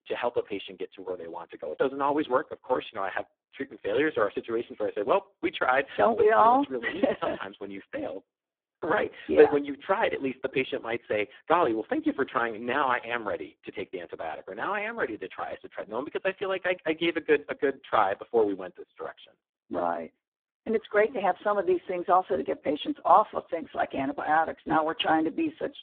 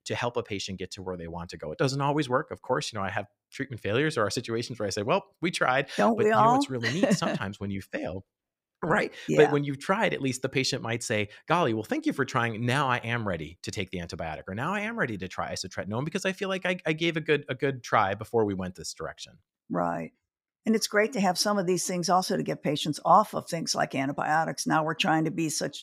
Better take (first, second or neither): second